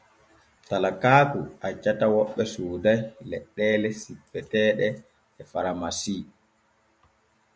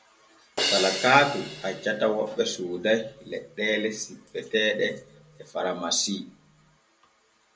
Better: first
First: none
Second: background sound (Crash cymbal); 3 dB below the speech // room echo; dies away in 0.2 s

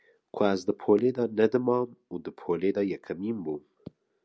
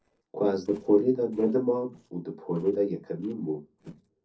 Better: first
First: none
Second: noise reduction (neural separator model SepFormer DNS4)

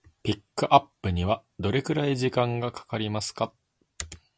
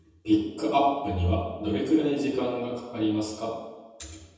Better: first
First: none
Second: room echo; dies away in 1.1 s

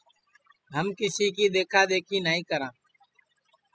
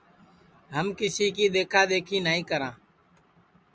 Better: second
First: noise reduction (classical method spectral subtraction)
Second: none

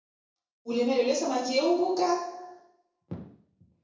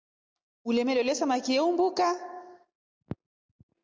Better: second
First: room echo; dies away in 0.7 s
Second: none

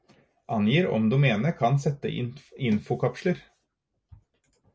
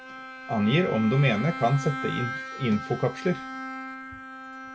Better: first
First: none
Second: background sound (Bowed string instrument); 9 dB below the speech

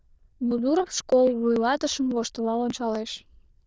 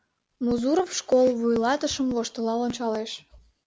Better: second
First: noise reduction (neural diffusion model UNIVERSE++)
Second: none

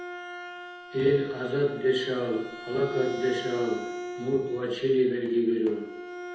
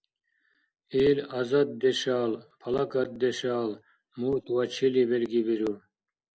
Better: second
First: background sound (Bowed string instrument); 10 dB below the speech // room echo; dies away in 0.9 s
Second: none

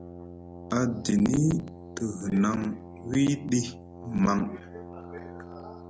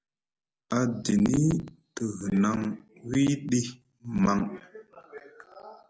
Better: second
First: background sound (Brass instrument); 15 dB below the speech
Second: none

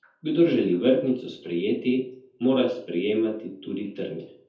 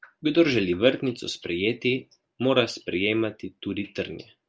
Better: second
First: room echo; dies away in 0.5 s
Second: none

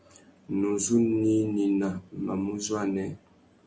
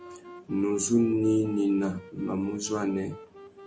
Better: first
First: none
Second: background sound (Wind instrument, woodwind instrument); 19 dB below the speech

